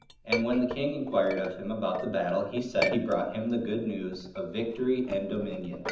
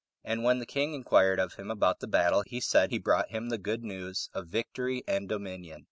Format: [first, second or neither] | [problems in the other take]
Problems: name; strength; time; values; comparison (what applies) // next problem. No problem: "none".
second | background sound (Chink, clink); 10 dB below the speech // room echo; dies away in 0.8 s